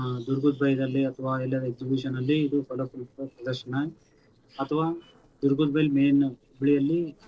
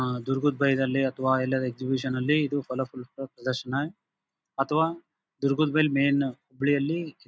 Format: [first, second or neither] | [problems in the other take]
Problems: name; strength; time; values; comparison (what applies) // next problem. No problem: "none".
second | noise reduction (neural separator model SepFormer DNS4)